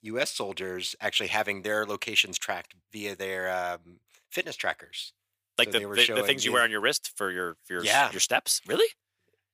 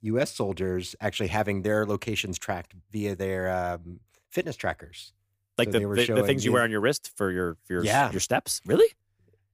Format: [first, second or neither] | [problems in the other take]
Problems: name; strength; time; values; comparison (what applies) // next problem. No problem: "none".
second | thin; somewhat; fading below 1 kHz